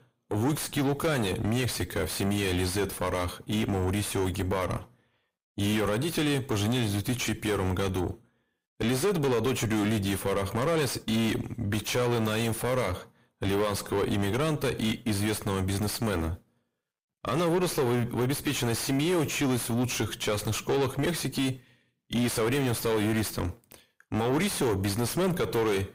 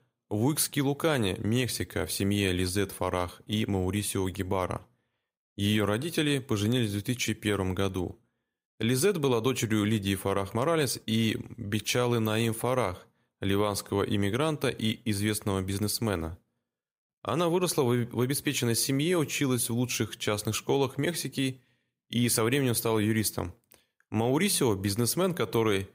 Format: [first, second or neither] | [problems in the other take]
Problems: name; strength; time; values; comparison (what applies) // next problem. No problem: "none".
second | distortion; heavy; 4 dB below the speech